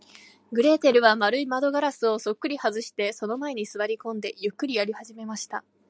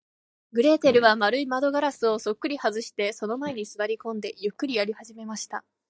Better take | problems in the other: first | noise reduction (neural mask model DeepFilterNet 3)

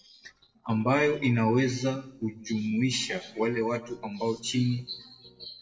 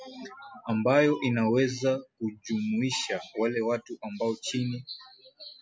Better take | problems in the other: second | noise reduction (neural separator model SepFormer DNS4)

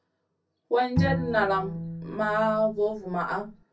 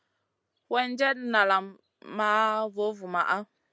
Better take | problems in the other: second | background sound (Bowed string instrument); 5 dB below the speech // room echo; dies away in 0.3 s

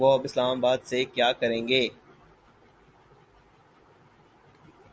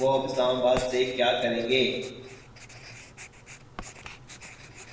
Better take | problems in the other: first | background sound (Writing); 15 dB below the speech // room echo; dies away in 0.9 s

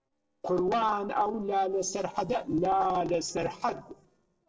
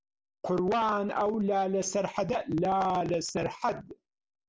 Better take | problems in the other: second | noise reduction (neural separator model SepFormer DNS4)

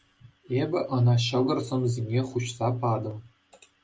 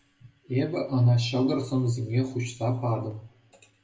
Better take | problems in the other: first | room echo; dies away in 0.5 s

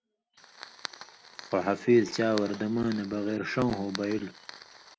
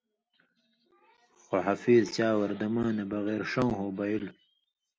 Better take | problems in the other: second | background sound (Fire); 16 dB below the speech

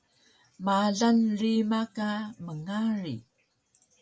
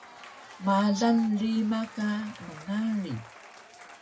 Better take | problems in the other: first | background sound (Applause / Crowd / Cheering); 18 dB below the speech // room echo; dies away in 0.2 s

